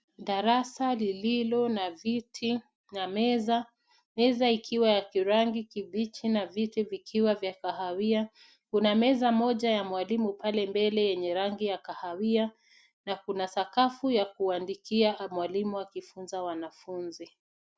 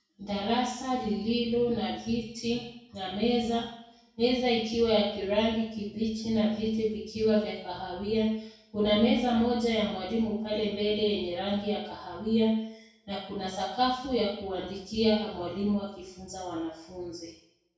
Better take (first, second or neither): first